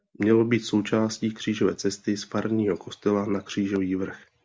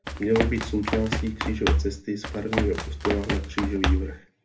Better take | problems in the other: first | background sound (Run); 1 dB above the speech // room echo; dies away in 0.3 s

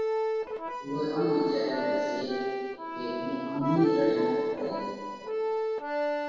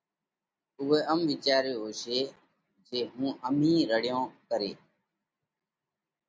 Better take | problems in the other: second | background sound (Accordion); 1 dB above the speech // room echo; dies away in 2 s

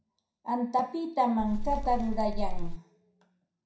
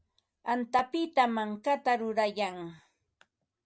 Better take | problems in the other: second | background sound (Wind); 2 dB above the speech // room echo; dies away in 0.5 s

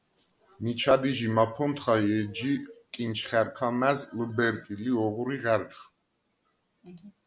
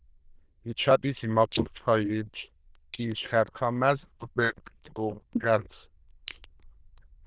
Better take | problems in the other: first | noise reduction (neural diffusion model UNIVERSE++)

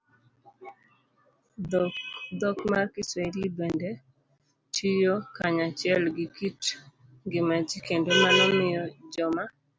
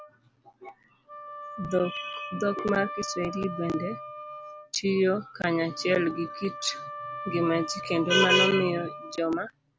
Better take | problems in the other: first | background sound (Wind instrument, woodwind instrument); 11 dB below the speech

